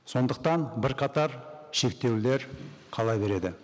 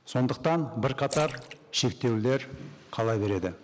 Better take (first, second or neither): first